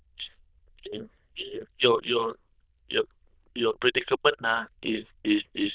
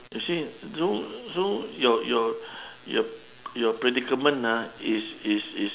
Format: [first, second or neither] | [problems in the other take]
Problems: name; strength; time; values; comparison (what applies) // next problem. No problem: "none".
second | noise reduction (neural diffusion model UNIVERSE++)